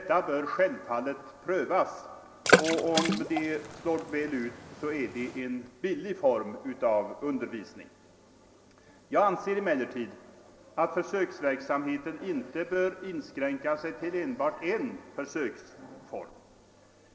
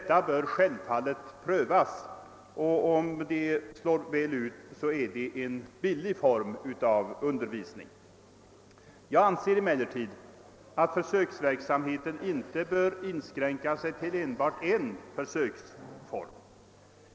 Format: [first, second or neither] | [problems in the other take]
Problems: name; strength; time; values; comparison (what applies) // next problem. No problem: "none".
second | background sound (Water / Splash, splatter); 1 dB above the speech // room echo; dies away in 0.5 s